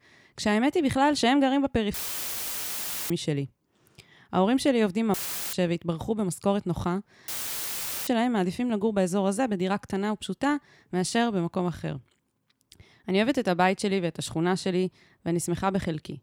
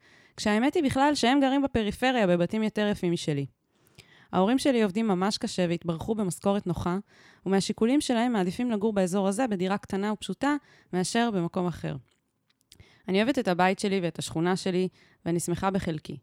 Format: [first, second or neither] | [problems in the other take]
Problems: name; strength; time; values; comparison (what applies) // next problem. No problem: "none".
second | audio cutting out; filled with static; at 2 s for 1 s, at 5 s and at 7.5 s for 1 s